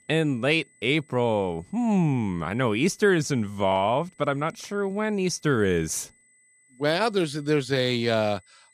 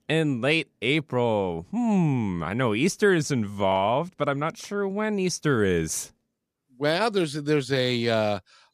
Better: second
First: high-pitched whine; faint; throughout; 2 kHz, 30 dB below the speech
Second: none

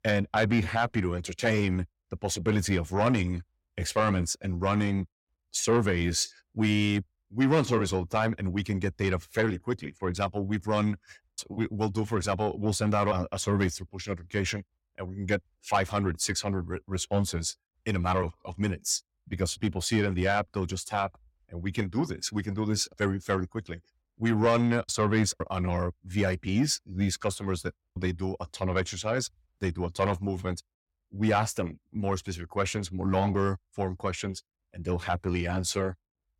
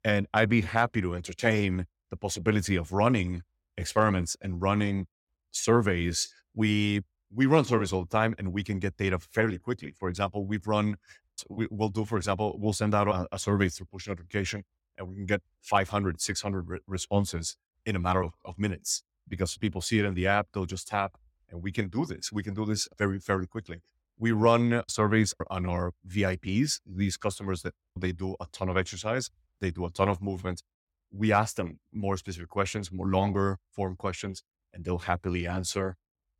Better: second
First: distortion; slight; 10 dB below the speech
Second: none

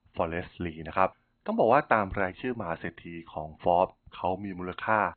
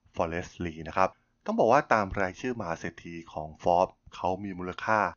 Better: second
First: garbled, watery; badly; nothing above 4 kHz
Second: garbled, watery; slightly; nothing above 6.5 kHz

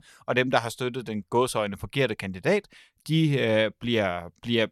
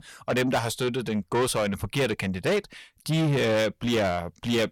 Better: first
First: none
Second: distortion; heavy; 7 dB below the speech

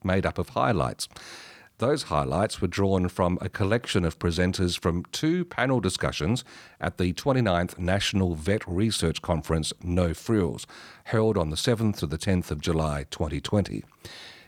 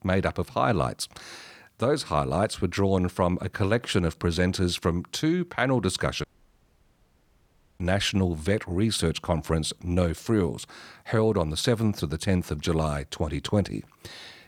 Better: first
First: none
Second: audio cutting out; at 6 s for 1.5 s

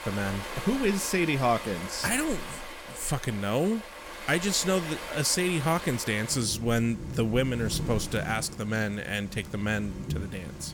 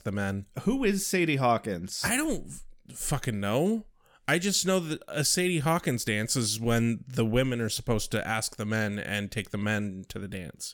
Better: second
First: rain or running water; loud; throughout; 10 dB below the speech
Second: none

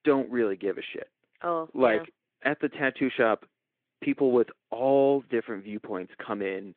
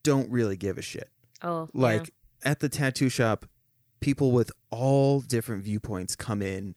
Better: second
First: phone-call audio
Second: none

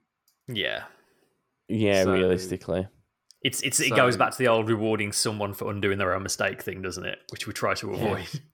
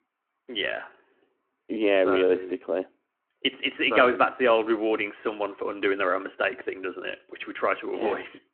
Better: first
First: none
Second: phone-call audio

